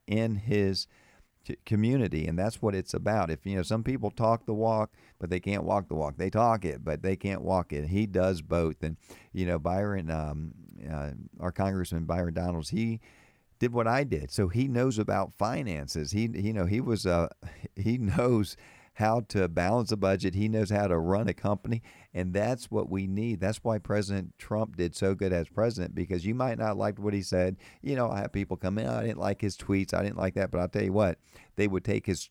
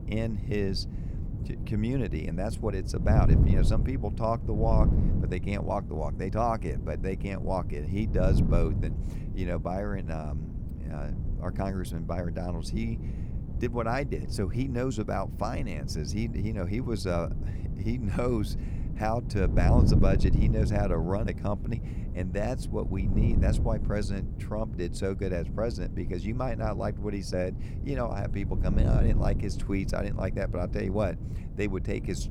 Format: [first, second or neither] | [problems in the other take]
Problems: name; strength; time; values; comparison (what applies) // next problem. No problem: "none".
first | wind noise on the microphone; heavy; 9 dB below the speech